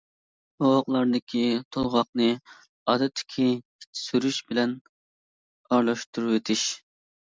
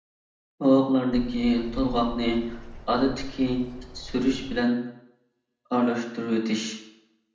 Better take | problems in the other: first | background sound (Bird vocalization, bird call, bird song); 12 dB below the speech // room echo; dies away in 0.7 s

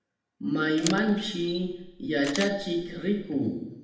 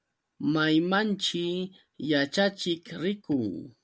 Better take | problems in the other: second | background sound (Camera); 12 dB below the speech // room echo; dies away in 0.8 s

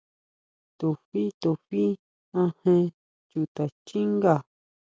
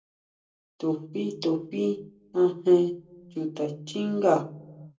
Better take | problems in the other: first | room echo; dies away in 0.2 s

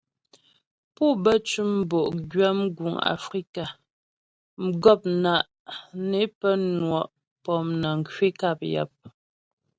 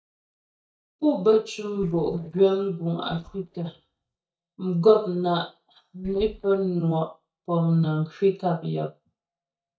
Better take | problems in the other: first | noise reduction (neural mask model DeepFilterNet 3)

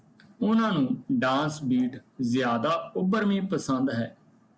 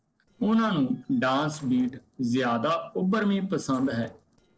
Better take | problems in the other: first | noise reduction (neural separator model SepFormer DNS4)

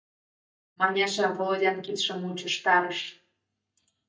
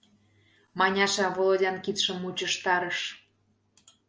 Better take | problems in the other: second | noise reduction (neural mask model DeepFilterNet 3)

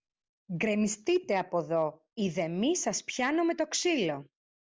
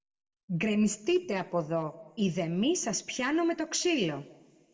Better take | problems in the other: first | room echo; dies away in 0.8 s

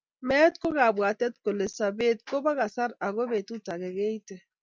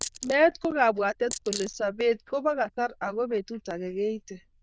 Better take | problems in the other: first | noise reduction (neural diffusion model UNIVERSE++)

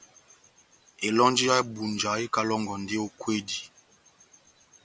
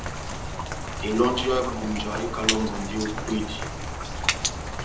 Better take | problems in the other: first | background sound (Rain); 1 dB below the speech // room echo; dies away in 0.9 s

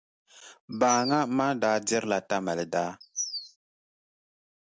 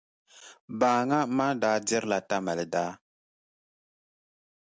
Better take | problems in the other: second | background sound (Bird vocalization, bird call, bird song); 7 dB below the speech

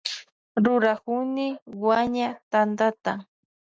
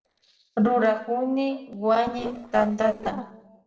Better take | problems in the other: first | noise reduction (neural separator model SepFormer DNS4)

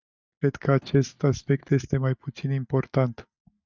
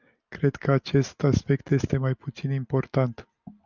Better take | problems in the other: second | noise reduction (neural mask model DeepFilterNet 3)

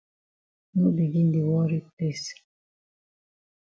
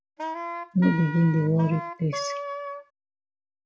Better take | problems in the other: first | background sound (Wind instrument, woodwind instrument); 8 dB below the speech

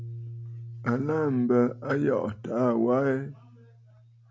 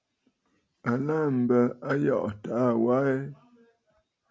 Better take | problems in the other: second | background sound (Piano); 15 dB below the speech

